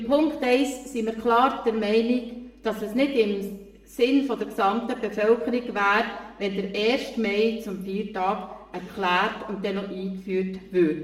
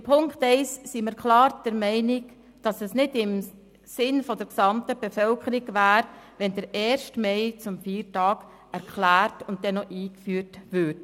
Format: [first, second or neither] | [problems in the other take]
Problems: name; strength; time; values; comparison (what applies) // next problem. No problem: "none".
second | room echo; dies away in 0.8 s